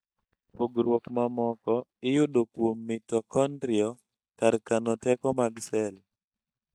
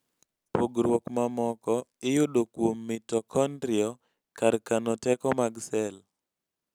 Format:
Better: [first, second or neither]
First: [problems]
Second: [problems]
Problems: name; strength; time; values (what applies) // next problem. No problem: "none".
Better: second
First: noise reduction (neural mask model DeepFilterNet 3)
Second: none